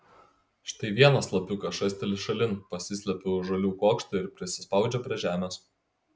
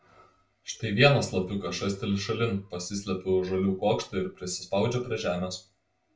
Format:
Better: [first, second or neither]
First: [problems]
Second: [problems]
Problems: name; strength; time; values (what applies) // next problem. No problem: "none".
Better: first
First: none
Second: room echo; dies away in 0.2 s